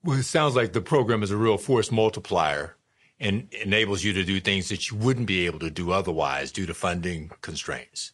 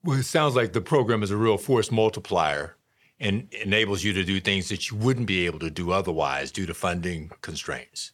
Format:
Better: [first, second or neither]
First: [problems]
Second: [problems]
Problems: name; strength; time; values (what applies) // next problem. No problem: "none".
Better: second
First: garbled, watery; slightly; nothing above 10.5 kHz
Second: none